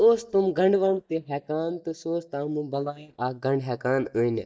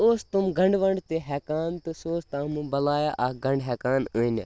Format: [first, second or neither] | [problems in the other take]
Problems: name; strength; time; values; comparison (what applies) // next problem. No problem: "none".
second | noise reduction (neural mask model DeepFilterNet 3)